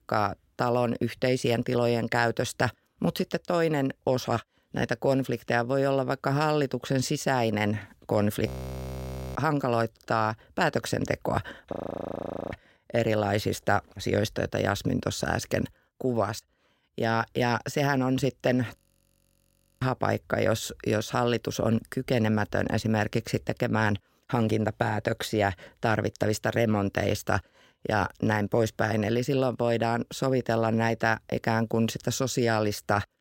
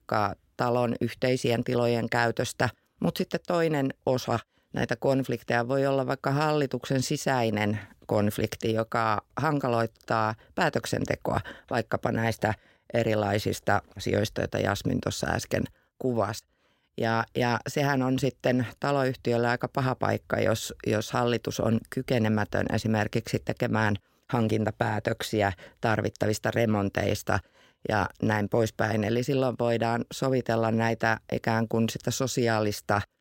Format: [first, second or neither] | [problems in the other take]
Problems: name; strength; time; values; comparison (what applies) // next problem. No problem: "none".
second | audio freezing; at 8.5 s for 1 s, at 12 s for 1 s and at 19 s for 1 s